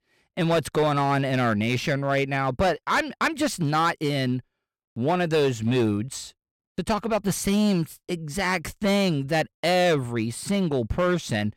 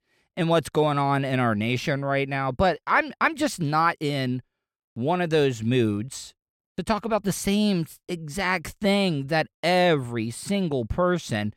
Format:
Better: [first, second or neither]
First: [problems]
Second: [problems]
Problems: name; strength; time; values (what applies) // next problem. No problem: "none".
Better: second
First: distortion; slight; 8% of the sound clipped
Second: none